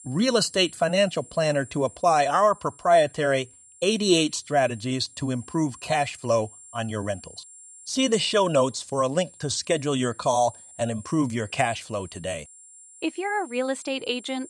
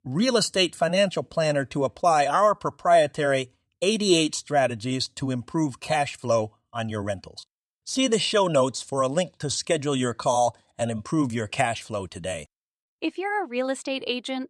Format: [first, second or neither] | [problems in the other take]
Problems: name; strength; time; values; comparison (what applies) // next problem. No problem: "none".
second | high-pitched whine; faint; throughout; 7.5 kHz, 20 dB below the speech